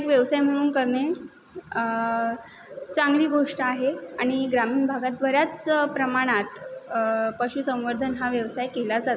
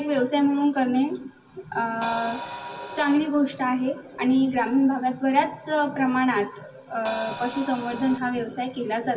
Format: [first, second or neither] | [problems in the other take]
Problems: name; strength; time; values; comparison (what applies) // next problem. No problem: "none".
first | background sound (Crash cymbal); 11 dB below the speech // room echo; dies away in 0.1 s